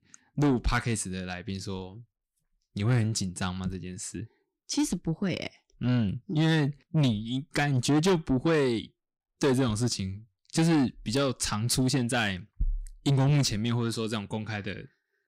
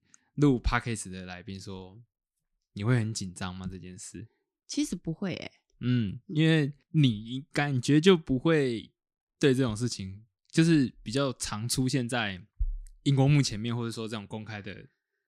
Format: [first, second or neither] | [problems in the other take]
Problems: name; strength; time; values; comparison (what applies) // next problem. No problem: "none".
second | distortion; heavy; 8 dB below the speech